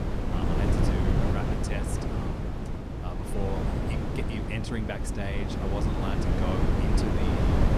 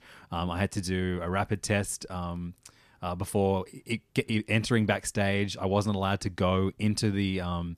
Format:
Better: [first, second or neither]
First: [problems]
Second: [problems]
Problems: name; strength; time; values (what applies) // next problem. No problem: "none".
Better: second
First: wind noise on the microphone; heavy; 4 dB above the speech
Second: none